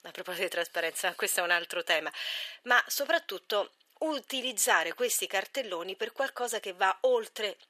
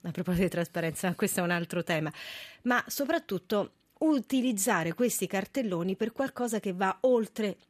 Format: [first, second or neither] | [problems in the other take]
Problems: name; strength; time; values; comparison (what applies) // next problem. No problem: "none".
second | thin; very; fading below 500 Hz